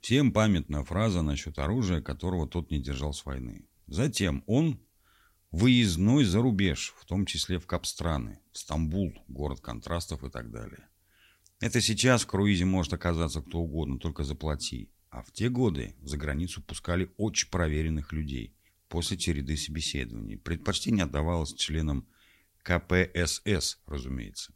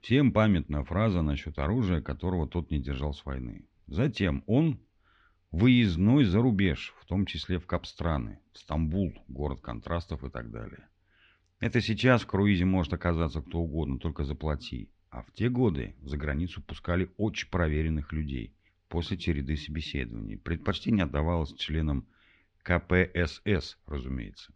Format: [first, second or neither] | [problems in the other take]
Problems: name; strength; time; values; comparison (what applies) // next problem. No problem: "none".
first | muffled; slightly; fading above 3 kHz